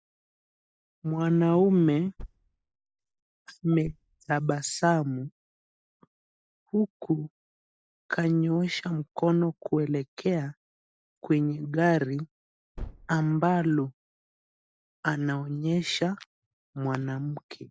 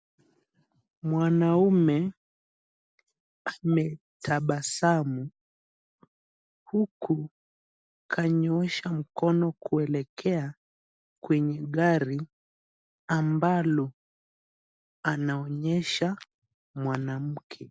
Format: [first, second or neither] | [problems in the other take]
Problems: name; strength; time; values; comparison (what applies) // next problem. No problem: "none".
second | noise reduction (neural mask model DeepFilterNet 3)